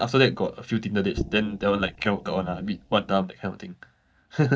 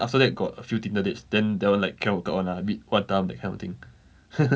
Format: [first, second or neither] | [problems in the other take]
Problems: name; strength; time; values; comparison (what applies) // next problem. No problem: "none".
second | noise reduction (neural mask model DeepFilterNet 3)